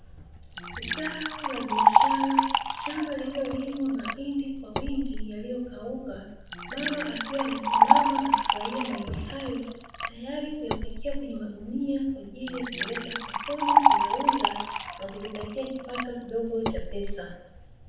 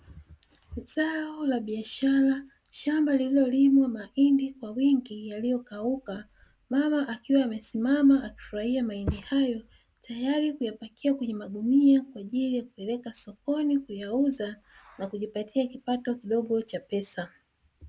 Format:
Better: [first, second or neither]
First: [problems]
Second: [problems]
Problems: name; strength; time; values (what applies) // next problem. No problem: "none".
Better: second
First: background sound (Liquid); 5 dB above the speech // room echo; dies away in 0.7 s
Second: none